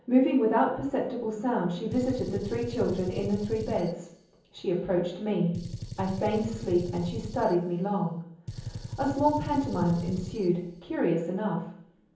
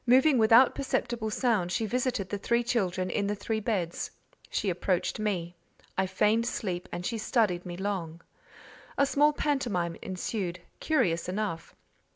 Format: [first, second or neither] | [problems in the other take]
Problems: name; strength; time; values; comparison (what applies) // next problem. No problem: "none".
second | background sound (Gunshot, gunfire); 11 dB below the speech // room echo; dies away in 0.7 s